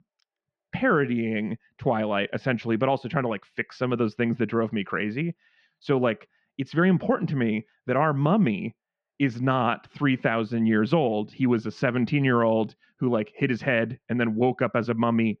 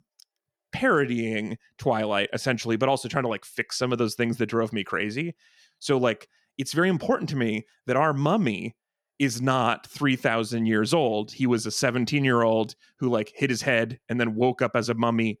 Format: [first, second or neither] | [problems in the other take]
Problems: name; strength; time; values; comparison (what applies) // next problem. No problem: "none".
second | muffled; very; fading above 3 kHz